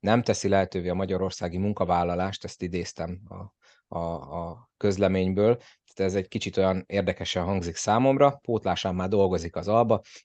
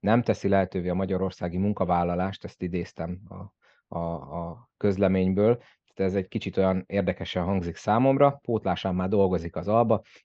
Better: first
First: none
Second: muffled; very slightly; fading above 3 kHz

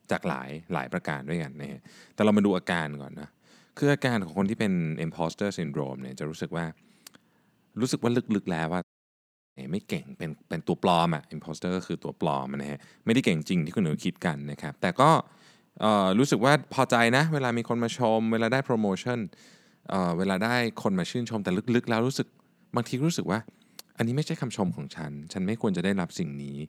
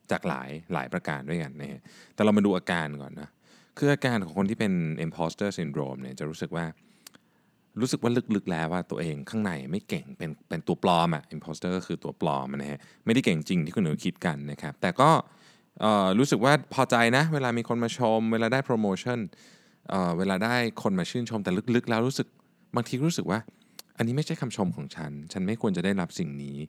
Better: second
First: audio cutting out; at 9 s for 0.5 s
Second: none

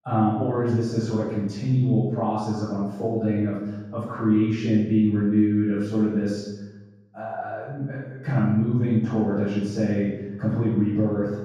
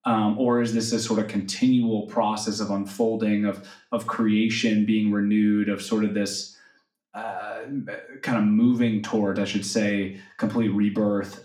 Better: second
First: room echo; strong; dies away in 1.3 s // off-mic speech; far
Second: room echo; slight; dies away in 0.4 s // off-mic speech; far

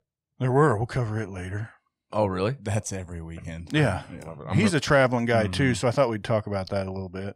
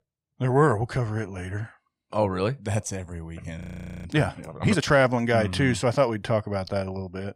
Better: first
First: none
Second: audio freezing; at 3.5 s

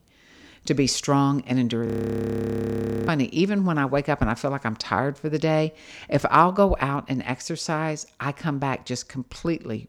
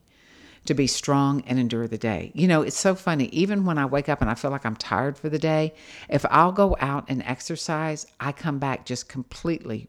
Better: second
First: audio freezing; at 2 s for 1 s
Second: none

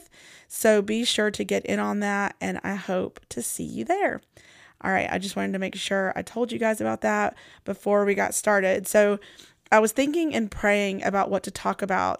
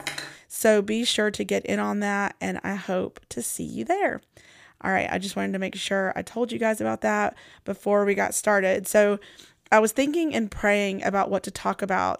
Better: first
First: none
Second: clattering dishes; noticeable; at the start; peak 8 dB below the speech

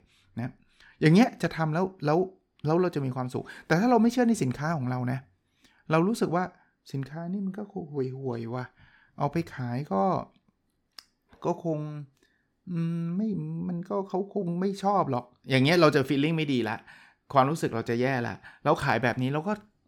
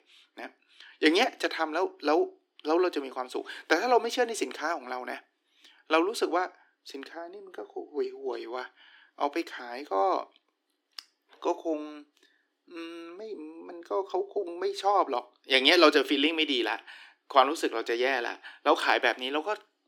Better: first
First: none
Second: thin; somewhat; fading below 300 Hz

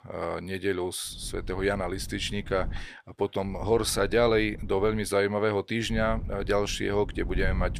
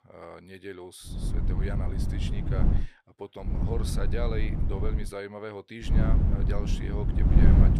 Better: first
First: wind noise on the microphone; occasional gusts; from 1 to 3 s, from 3.5 to 5 s and from 6 s on; 25 dB below the speech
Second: wind noise on the microphone; heavy; from 1 to 3 s, from 3.5 to 5 s and from 6 s on; as loud as the speech

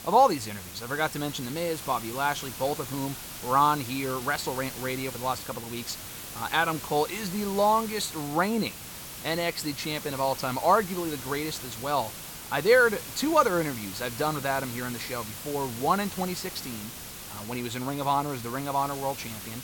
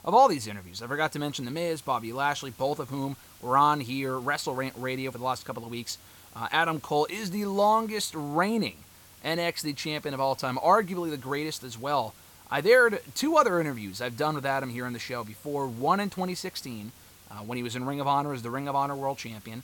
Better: second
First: hiss; loud; throughout; 10 dB below the speech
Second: hiss; faint; throughout; 25 dB below the speech

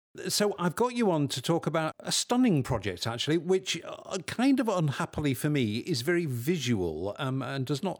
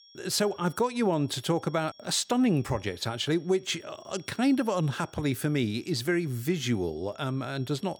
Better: first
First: none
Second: high-pitched whine; faint; throughout; 5.5 kHz, 25 dB below the speech

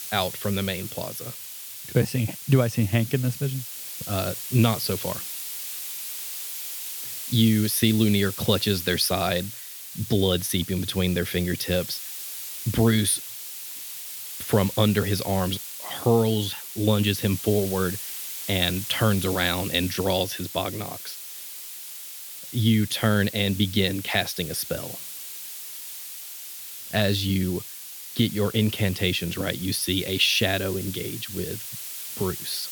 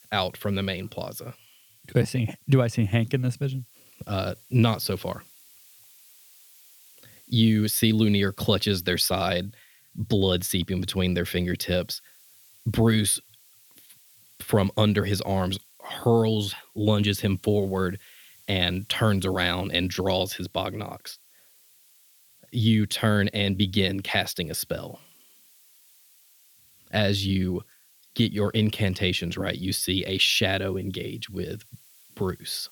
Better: second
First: hiss; loud; throughout; 9 dB below the speech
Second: hiss; faint; throughout; 30 dB below the speech

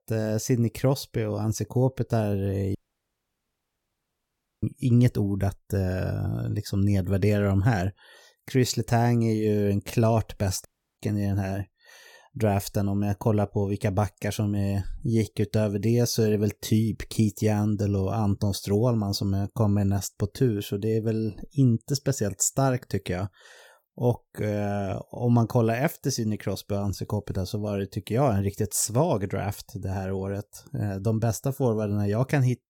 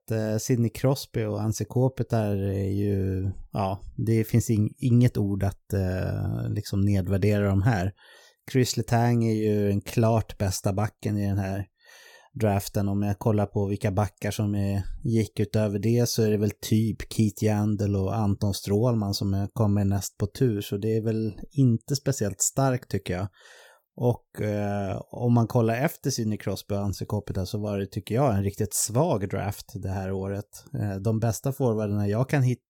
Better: second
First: audio cutting out; at 3 s for 2 s and at 11 s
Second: none

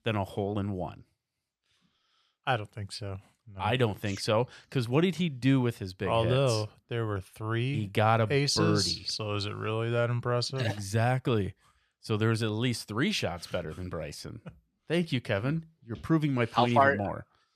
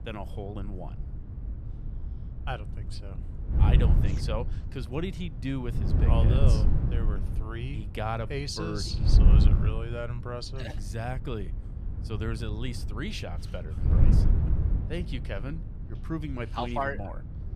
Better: first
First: none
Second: wind noise on the microphone; heavy; 6 dB below the speech

